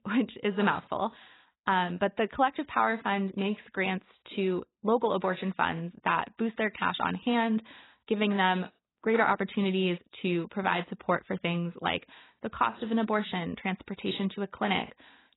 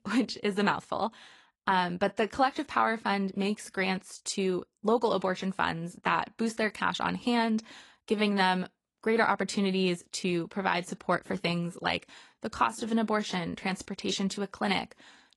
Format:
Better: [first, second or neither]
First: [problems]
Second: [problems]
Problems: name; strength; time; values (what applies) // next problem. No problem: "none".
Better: second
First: garbled, watery; badly; nothing above 4 kHz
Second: garbled, watery; slightly; nothing above 11 kHz